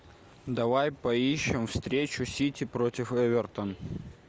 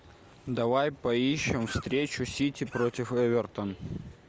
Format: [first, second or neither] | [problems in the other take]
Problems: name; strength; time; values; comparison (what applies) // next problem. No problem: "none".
first | background sound (Cough); 15 dB below the speech